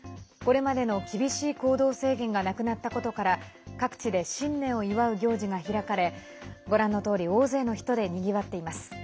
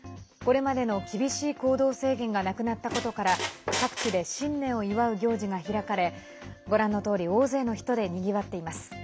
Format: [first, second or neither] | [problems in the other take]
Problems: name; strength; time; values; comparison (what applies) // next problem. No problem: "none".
first | background sound (Squeak); 5 dB below the speech